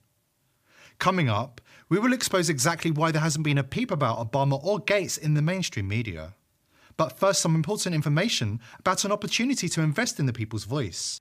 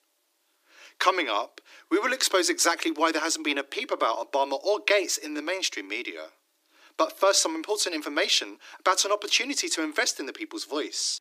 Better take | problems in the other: first | thin; very; fading below 300 Hz

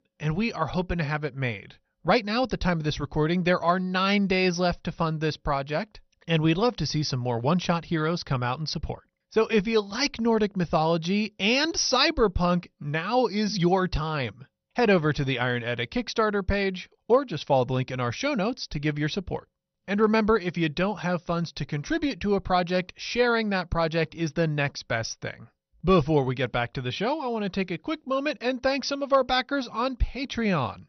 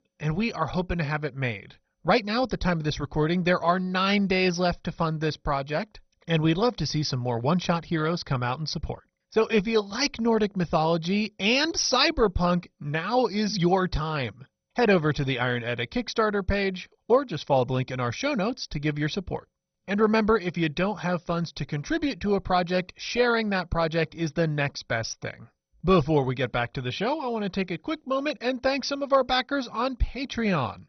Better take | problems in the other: first | garbled, watery; badly; nothing above 6 kHz; slightly in the first

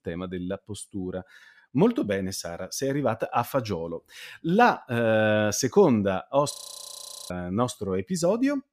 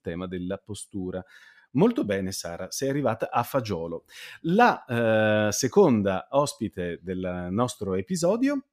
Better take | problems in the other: second | audio freezing; at 6.5 s for 1 s

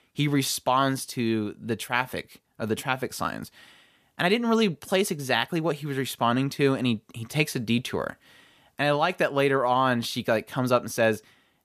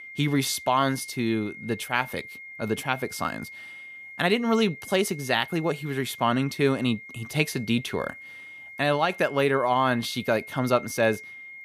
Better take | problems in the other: first | high-pitched whine; noticeable; throughout; 2 kHz, 15 dB below the speech

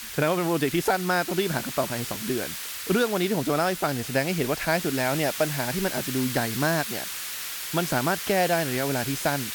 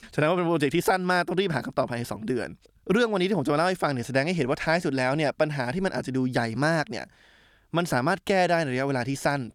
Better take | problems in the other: second | hiss; loud; throughout; 6 dB below the speech

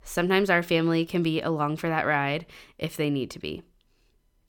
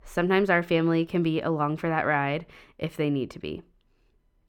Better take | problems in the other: first | muffled; slightly; fading above 3 kHz

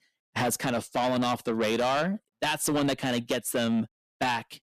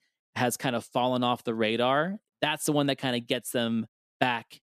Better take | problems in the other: second | distortion; heavy; 6 dB below the speech

